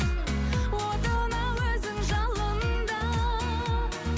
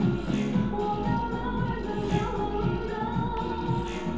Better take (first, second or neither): first